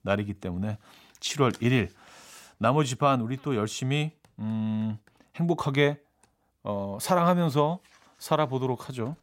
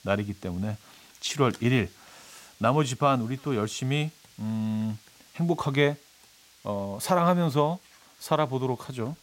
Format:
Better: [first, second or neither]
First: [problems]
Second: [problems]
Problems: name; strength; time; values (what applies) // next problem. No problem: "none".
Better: first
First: none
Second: hiss; faint; throughout; 25 dB below the speech